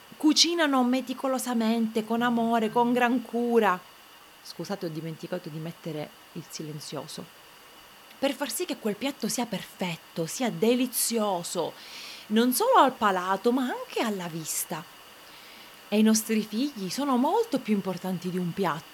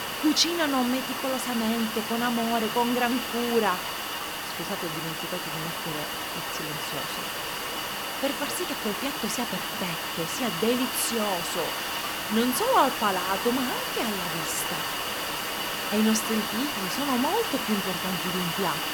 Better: first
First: hiss; faint; throughout; 20 dB below the speech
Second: hiss; loud; throughout; 1 dB below the speech

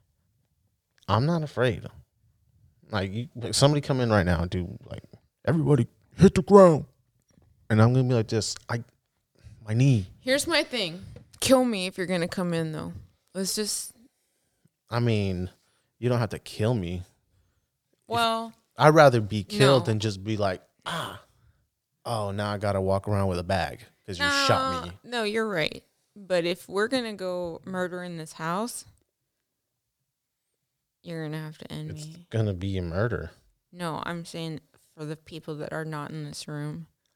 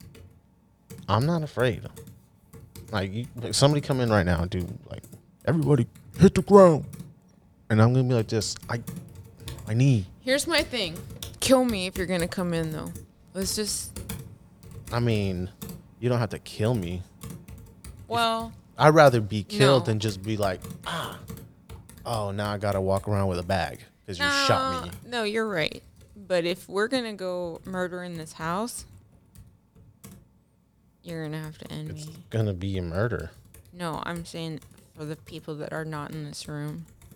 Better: first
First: none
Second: household noises; faint; throughout; 20 dB below the speech

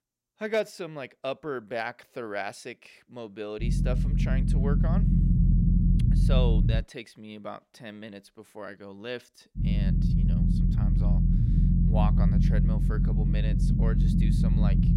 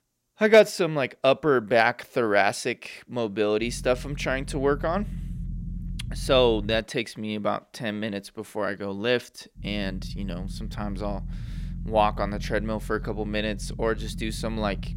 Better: second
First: low rumble; loud; from 3.5 to 7 s and from 9.5 s on; 1 dB below the speech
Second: low rumble; faint; from 3.5 to 7 s and from 9.5 s on; 25 dB below the speech

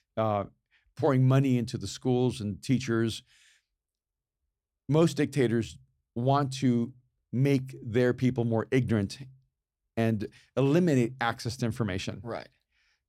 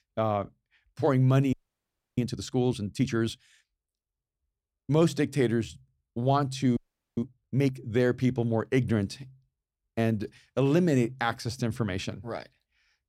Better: first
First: none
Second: audio freezing; at 1.5 s for 0.5 s and at 7 s

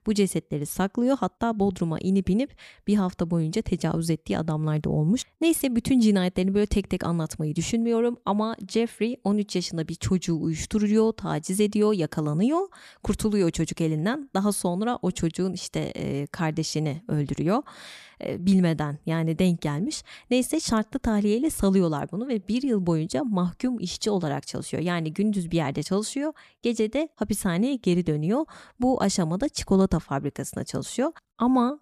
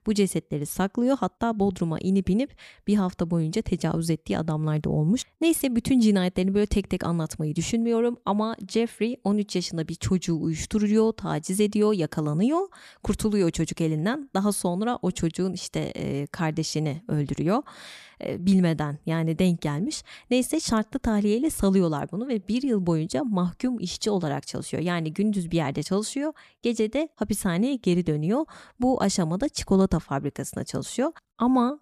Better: neither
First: none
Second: none

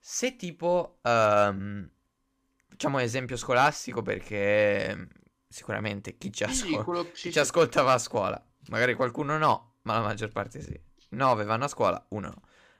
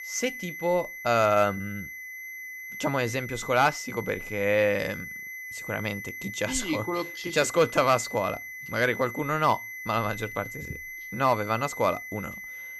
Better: first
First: none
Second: high-pitched whine; loud; throughout; 2 kHz, 10 dB below the speech

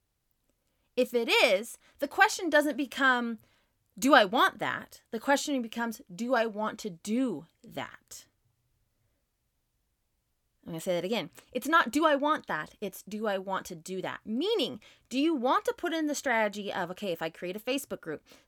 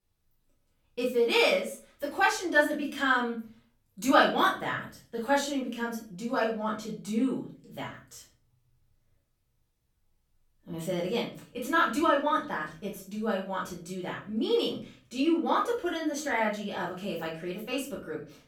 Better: first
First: none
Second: off-mic speech; far // room echo; slight; dies away in 0.4 s

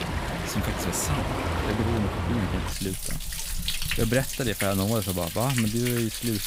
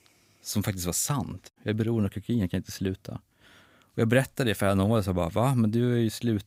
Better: second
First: rain or running water; loud; throughout; 2 dB below the speech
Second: none

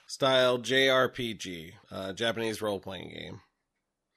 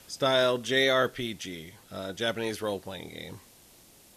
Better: first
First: none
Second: hiss; faint; throughout; 25 dB below the speech

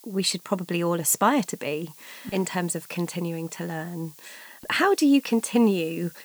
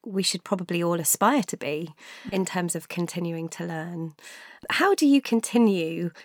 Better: second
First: hiss; faint; throughout; 20 dB below the speech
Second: none

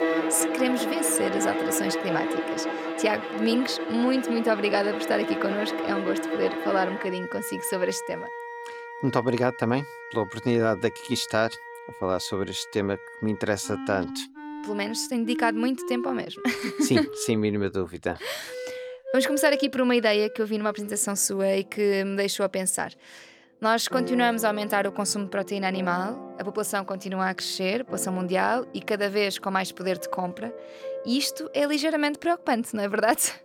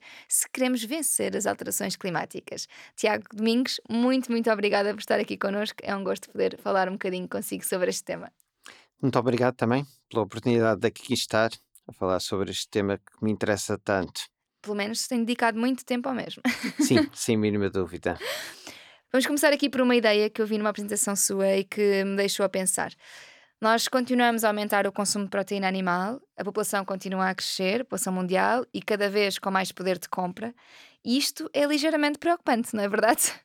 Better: second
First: background music; loud; throughout; 7 dB below the speech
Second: none

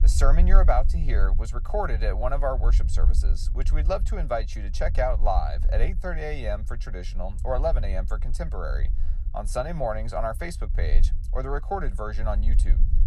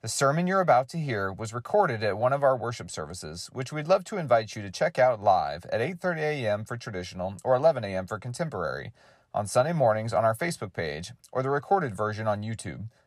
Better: second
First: low rumble; noticeable; throughout; 20 dB below the speech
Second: none

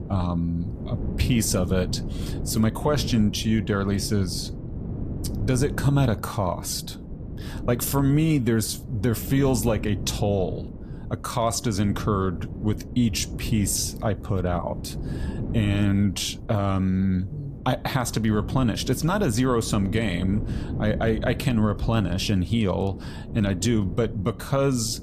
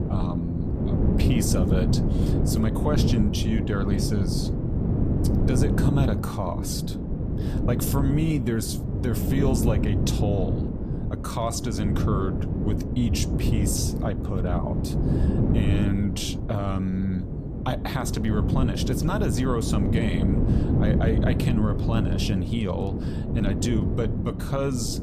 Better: first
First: wind noise on the microphone; occasional gusts; 15 dB below the speech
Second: wind noise on the microphone; heavy; 2 dB below the speech

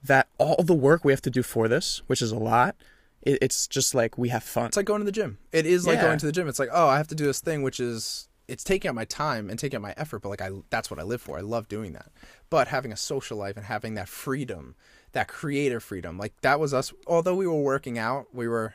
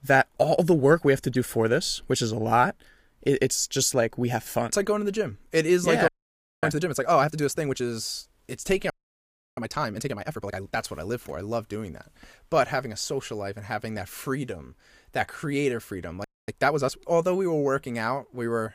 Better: first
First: none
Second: audio freezing; at 6 s for 0.5 s, at 9 s for 0.5 s and at 16 s

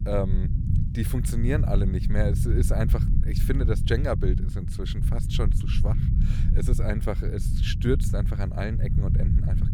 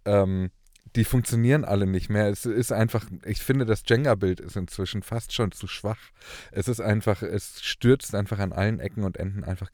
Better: second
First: low rumble; loud; throughout; 6 dB below the speech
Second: none

